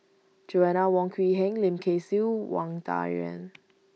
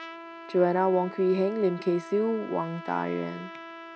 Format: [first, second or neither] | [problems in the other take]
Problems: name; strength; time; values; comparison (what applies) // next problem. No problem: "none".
first | background sound (Trumpet); 15 dB below the speech